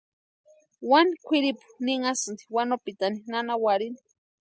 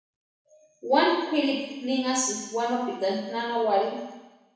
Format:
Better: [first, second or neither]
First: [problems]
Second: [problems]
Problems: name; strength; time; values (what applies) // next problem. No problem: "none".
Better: first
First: none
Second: room echo; dies away in 1.1 s